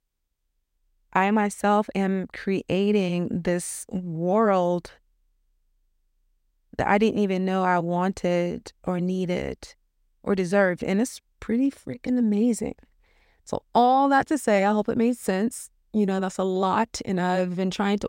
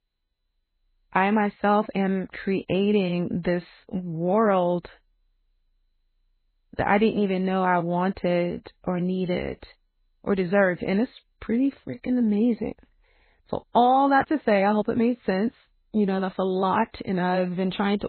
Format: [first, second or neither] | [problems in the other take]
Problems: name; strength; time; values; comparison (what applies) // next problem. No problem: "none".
first | garbled, watery; badly; nothing above 4 kHz